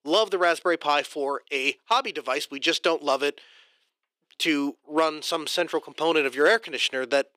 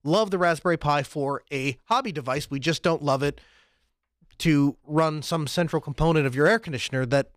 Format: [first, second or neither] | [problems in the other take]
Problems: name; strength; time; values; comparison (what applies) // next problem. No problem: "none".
second | thin; somewhat; fading below 350 Hz